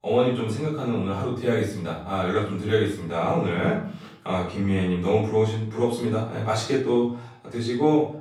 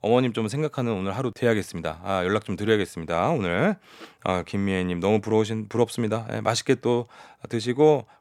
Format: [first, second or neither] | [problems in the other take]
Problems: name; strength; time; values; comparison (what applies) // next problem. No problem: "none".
second | off-mic speech; far // room echo; noticeable; dies away in 0.5 s